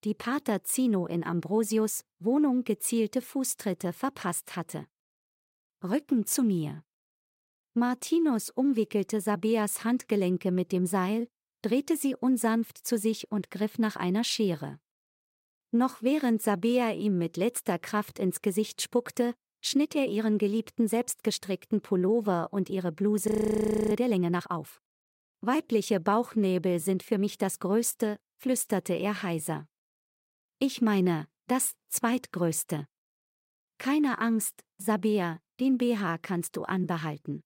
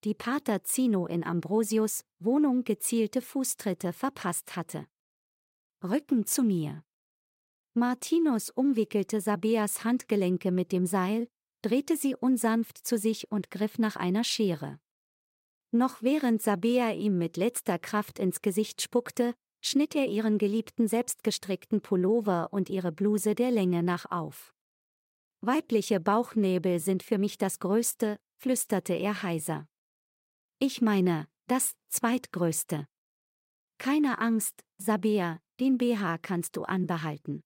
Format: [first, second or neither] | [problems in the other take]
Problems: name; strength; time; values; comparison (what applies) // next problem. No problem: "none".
second | audio freezing; at 23 s for 0.5 s